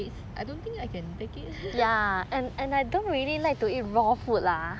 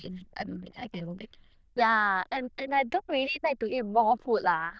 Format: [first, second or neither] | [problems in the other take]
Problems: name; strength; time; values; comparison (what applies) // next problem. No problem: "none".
first | noise reduction (neural diffusion model UNIVERSE++)